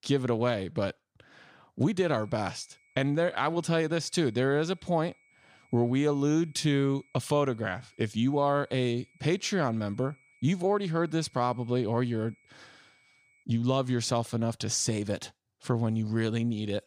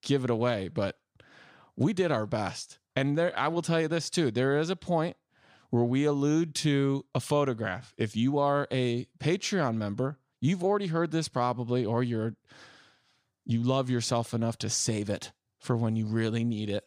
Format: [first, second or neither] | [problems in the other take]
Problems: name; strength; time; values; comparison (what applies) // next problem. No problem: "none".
second | high-pitched whine; faint; from 2 to 13 s; 2 kHz, 35 dB below the speech